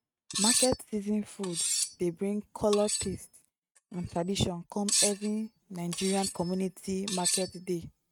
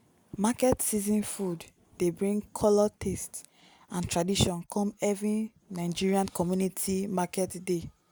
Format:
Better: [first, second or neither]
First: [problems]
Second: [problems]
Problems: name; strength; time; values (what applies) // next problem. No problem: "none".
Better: second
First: noise reduction (neural mask model RNNoise)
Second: none